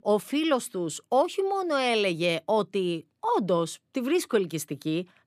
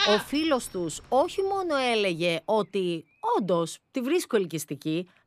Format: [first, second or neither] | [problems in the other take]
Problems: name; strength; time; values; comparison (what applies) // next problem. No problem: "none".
first | animal sounds; loud; throughout; 5 dB below the speech